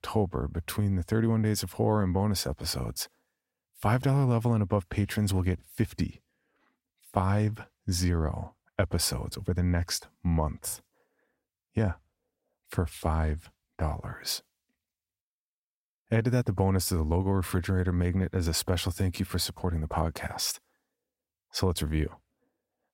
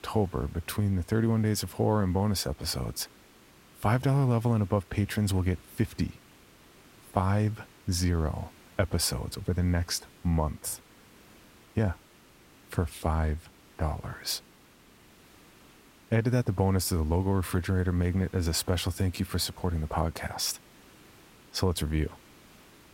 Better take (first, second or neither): first